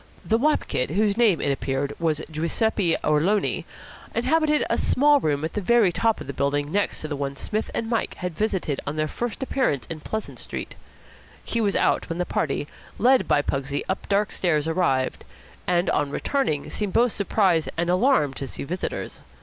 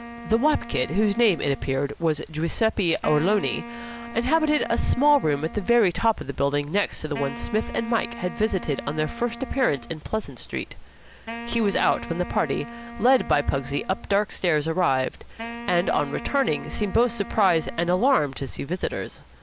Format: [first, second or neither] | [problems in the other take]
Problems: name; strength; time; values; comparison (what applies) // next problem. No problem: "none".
first | background sound (Wind instrument, woodwind instrument); 14 dB below the speech